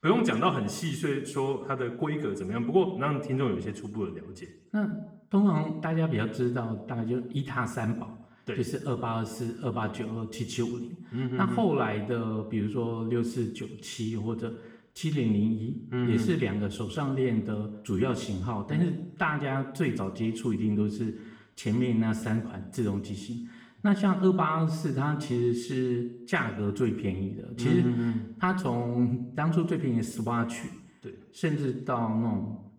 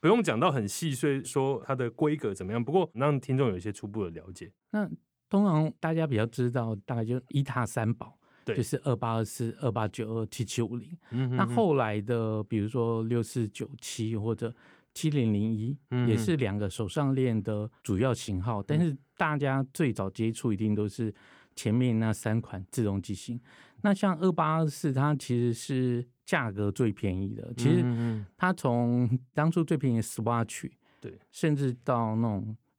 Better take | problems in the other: second | room echo; slight; dies away in 0.7 s // off-mic speech; somewhat distant

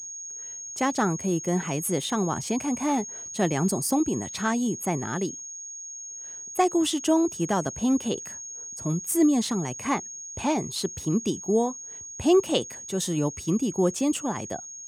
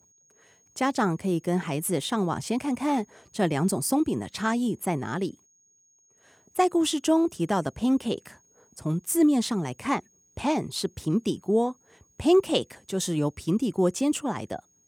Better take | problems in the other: second | high-pitched whine; loud; throughout; 6.5 kHz, 10 dB below the speech; faint in the second

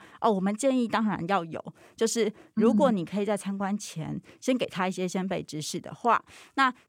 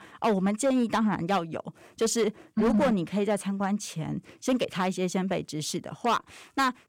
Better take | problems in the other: first | distortion; slight; 6% of the sound clipped

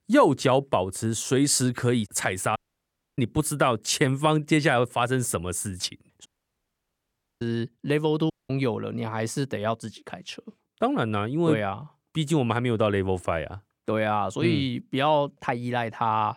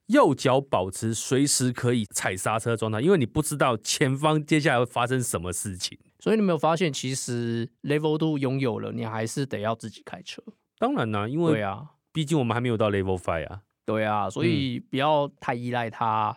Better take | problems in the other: second | audio cutting out; at 2.5 s for 0.5 s, at 6.5 s for 1 s and at 8.5 s

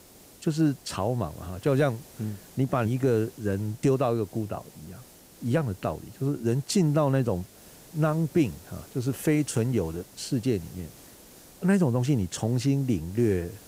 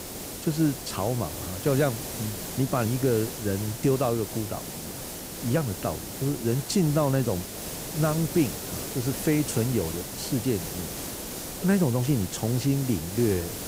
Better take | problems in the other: first | hiss; loud; throughout; 7 dB below the speech; faint in the first

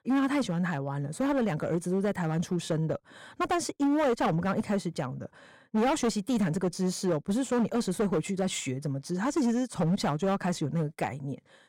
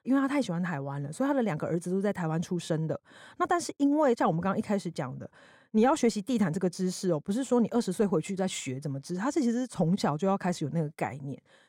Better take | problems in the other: second | distortion; slight; 10% of the sound clipped

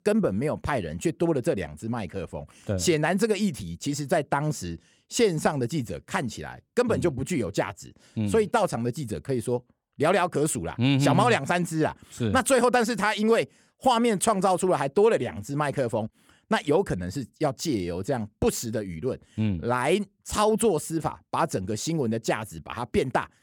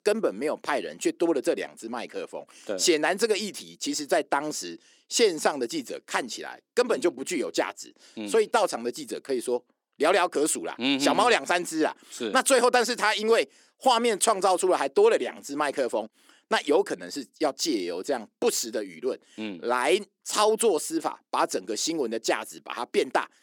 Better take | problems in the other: first | thin; somewhat; fading below 300 Hz

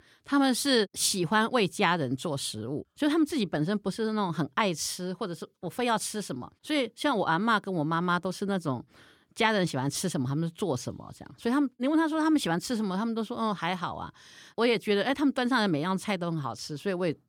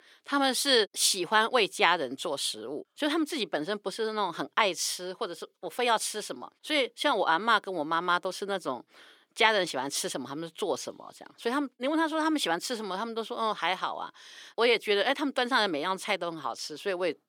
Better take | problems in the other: first | thin; somewhat; fading below 450 Hz

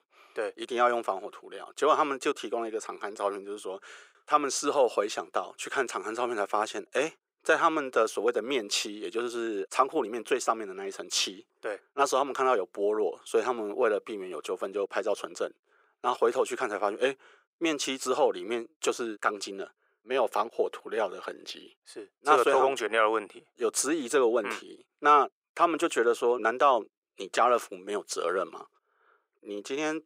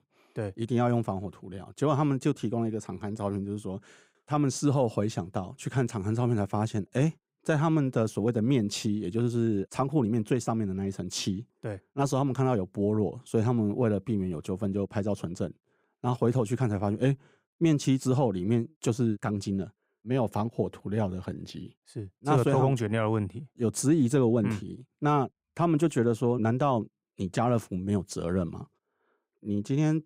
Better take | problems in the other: second | thin; very; fading below 450 Hz

